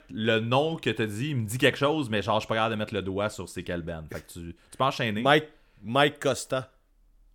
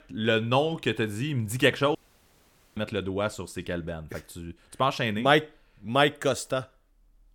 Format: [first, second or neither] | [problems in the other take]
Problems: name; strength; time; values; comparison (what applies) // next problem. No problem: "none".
first | audio cutting out; at 2 s for 1 s